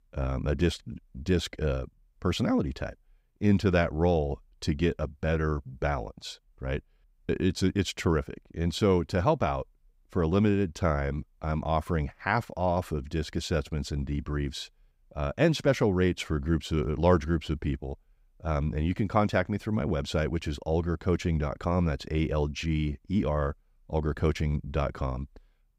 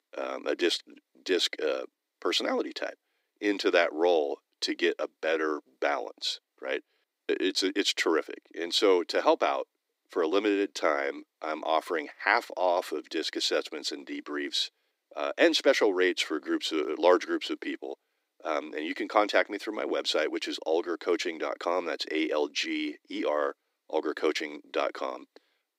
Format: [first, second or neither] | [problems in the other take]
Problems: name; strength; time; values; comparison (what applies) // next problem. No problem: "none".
first | thin; very; fading below 300 Hz